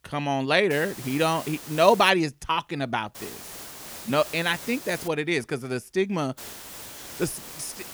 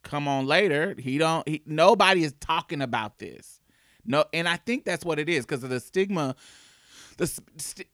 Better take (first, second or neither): second